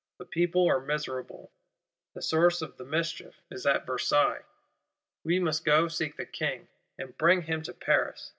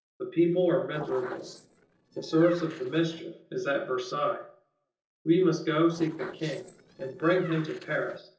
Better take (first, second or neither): first